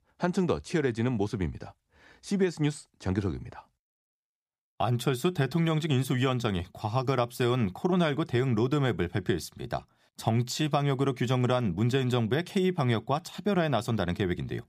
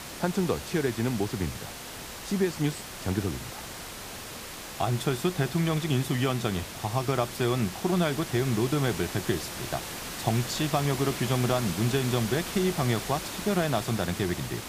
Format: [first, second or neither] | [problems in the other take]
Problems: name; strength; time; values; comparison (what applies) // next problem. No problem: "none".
first | hiss; loud; throughout; 8 dB below the speech